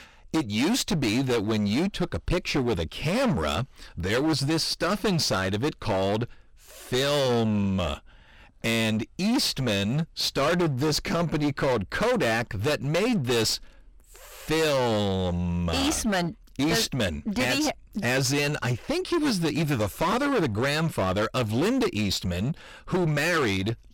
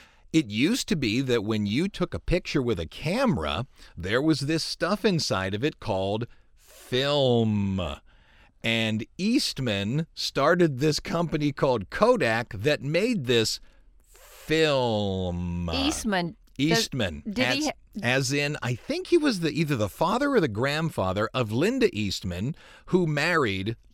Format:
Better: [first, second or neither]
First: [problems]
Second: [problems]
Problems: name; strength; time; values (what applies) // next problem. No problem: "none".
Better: second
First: distortion; heavy; 21% of the sound clipped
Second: none